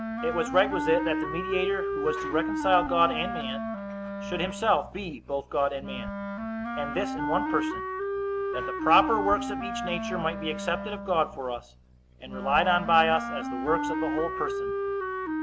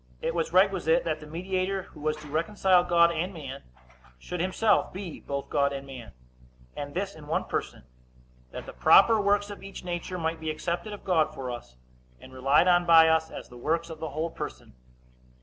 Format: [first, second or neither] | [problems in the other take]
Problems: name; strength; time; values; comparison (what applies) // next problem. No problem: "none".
second | background sound (Wind instrument, woodwind instrument); 3 dB below the speech